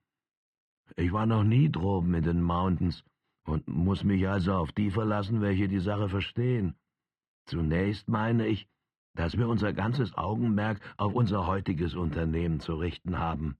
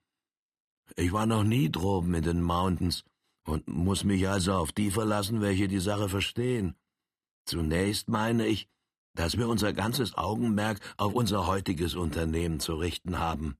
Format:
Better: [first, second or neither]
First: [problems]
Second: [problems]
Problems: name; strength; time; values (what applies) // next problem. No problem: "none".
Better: second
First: muffled; slightly; fading above 2 kHz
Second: none